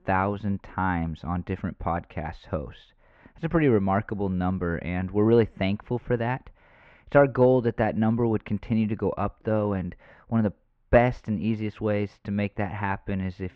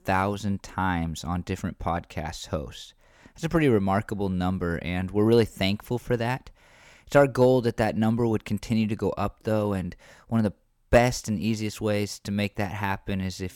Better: second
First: muffled; very; fading above 2.5 kHz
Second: none

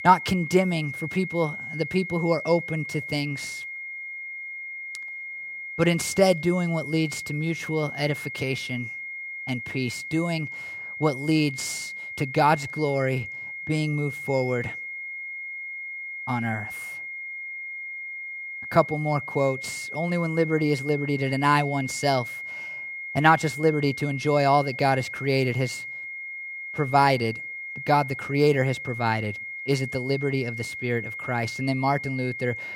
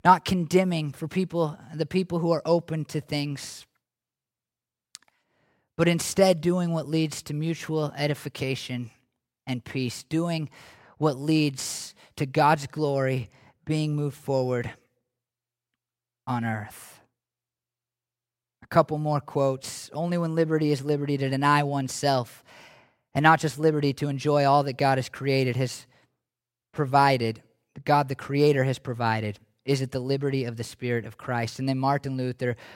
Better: second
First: high-pitched whine; loud; throughout; 2 kHz, 8 dB below the speech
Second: none

